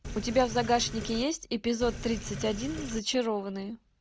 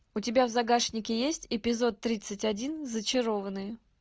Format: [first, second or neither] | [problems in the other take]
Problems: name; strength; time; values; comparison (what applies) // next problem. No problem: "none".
second | background sound (Sink (filling or washing)); 8 dB below the speech